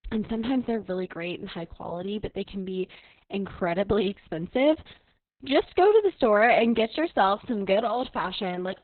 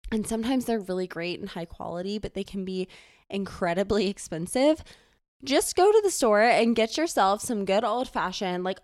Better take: second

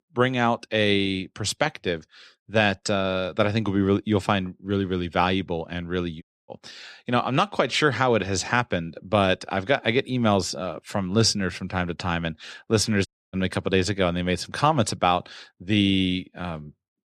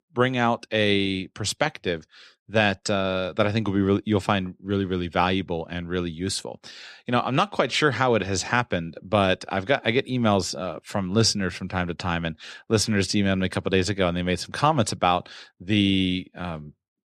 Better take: second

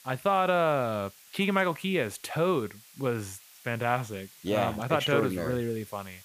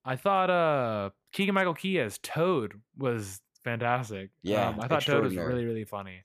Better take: second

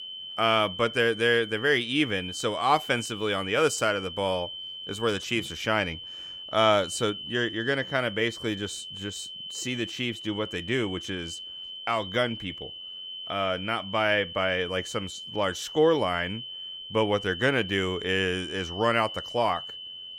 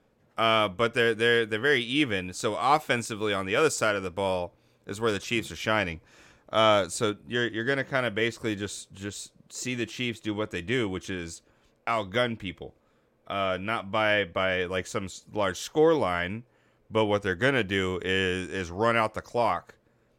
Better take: second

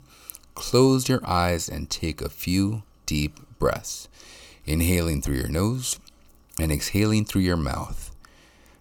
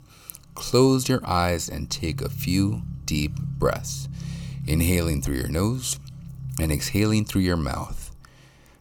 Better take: first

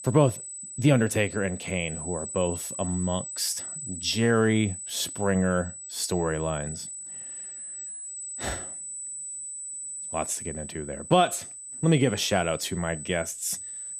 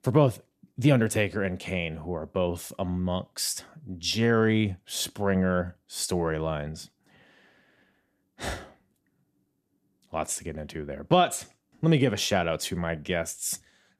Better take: second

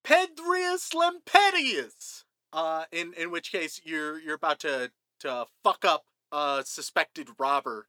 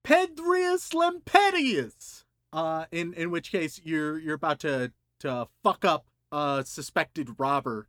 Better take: second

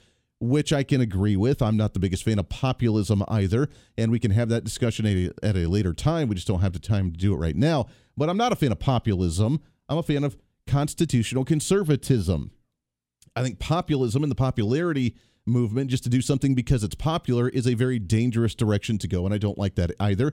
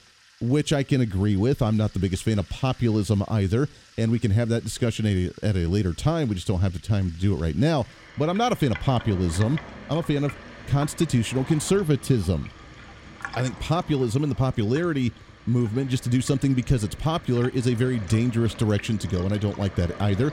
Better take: first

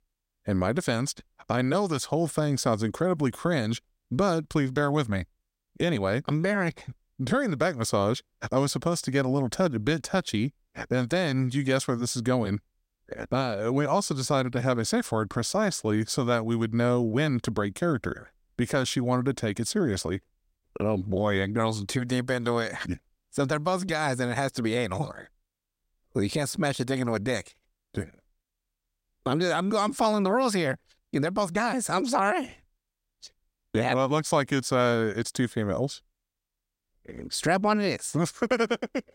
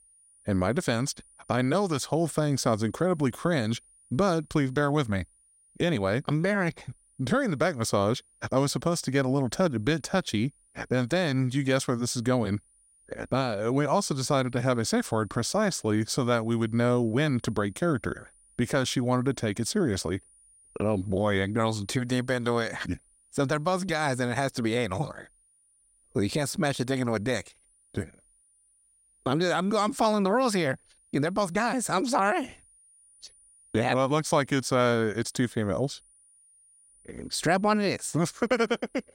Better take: first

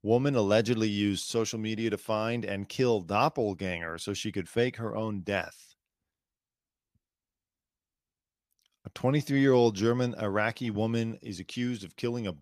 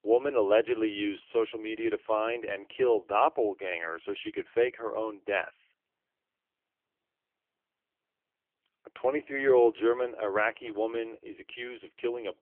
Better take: first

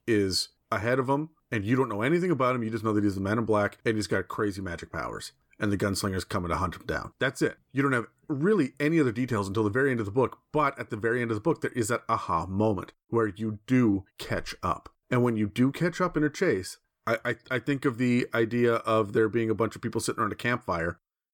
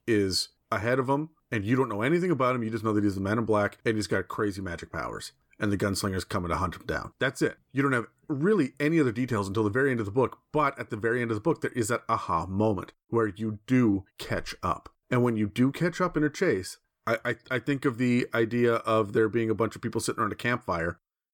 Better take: neither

